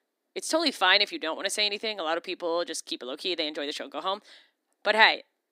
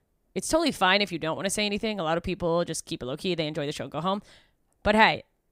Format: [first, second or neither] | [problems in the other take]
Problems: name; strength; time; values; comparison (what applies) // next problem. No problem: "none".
second | thin; somewhat; fading below 250 Hz